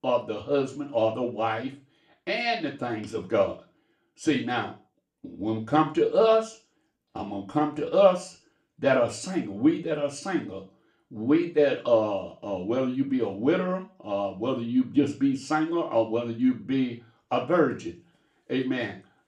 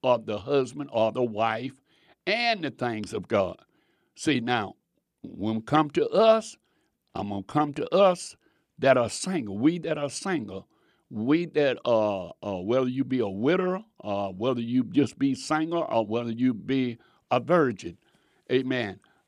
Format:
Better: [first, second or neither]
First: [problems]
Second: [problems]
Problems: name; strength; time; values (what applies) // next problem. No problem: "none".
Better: second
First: room echo; slight; dies away in 0.3 s // off-mic speech; far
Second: none